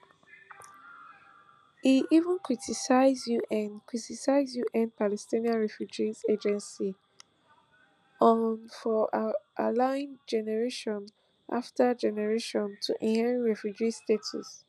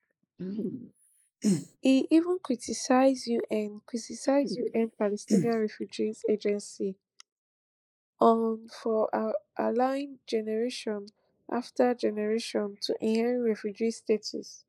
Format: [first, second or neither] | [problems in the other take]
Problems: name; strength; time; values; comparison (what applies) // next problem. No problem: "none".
first | noise reduction (neural mask model Resemble Enhance denoiser)